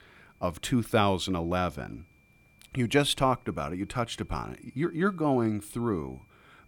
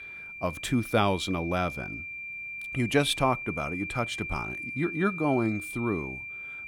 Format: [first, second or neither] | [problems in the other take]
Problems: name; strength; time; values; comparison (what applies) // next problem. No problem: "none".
first | high-pitched whine; loud; throughout; 2.5 kHz, 7 dB below the speech; faint in the first